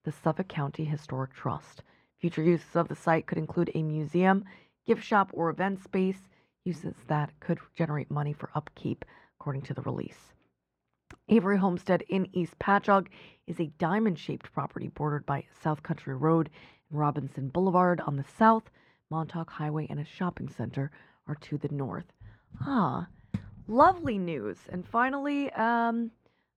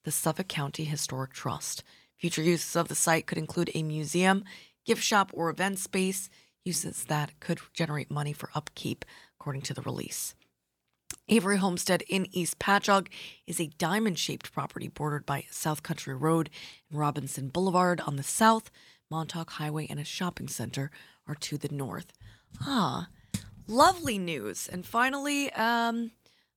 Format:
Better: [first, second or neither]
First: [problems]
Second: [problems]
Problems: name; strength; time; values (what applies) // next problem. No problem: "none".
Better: second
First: muffled; very; fading above 4 kHz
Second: none